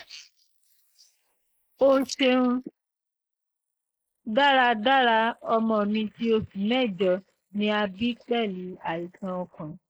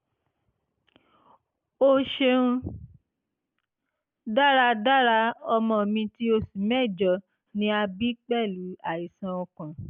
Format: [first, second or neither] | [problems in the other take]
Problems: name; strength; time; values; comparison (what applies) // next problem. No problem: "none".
second | noise reduction (neural mask model Resemble Enhance denoiser)